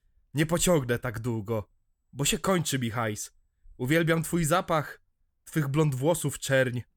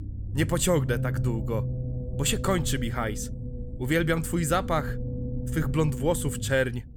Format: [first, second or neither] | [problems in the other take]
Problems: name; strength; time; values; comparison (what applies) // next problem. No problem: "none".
first | low rumble; noticeable; throughout; 15 dB below the speech